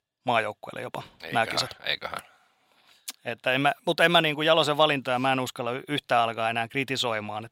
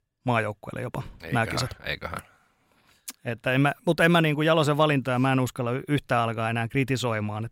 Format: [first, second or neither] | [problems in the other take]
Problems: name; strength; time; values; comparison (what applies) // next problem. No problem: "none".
second | thin; somewhat; fading below 350 Hz